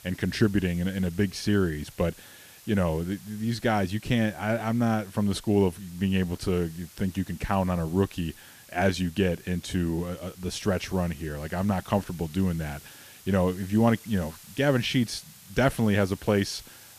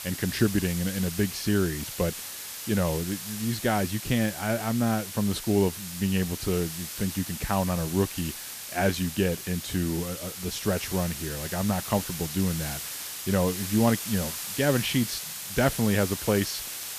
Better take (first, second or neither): first